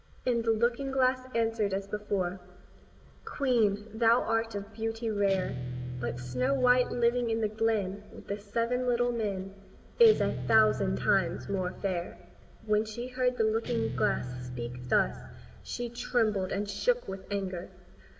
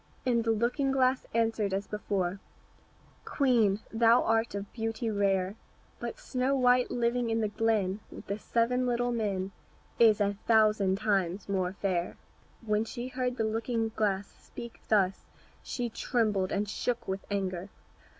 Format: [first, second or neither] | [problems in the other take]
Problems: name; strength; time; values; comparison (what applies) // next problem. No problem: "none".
second | background sound (Guitar); 9 dB below the speech // room echo; dies away in 2.1 s